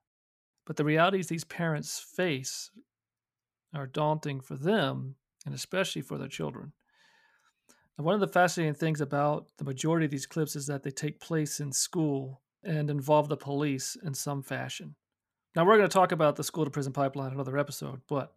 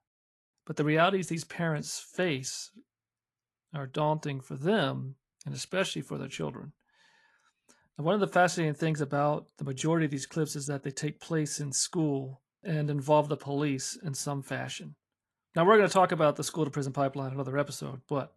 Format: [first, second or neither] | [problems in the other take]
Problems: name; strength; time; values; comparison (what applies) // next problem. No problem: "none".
first | garbled, watery; slightly; nothing above 11.5 kHz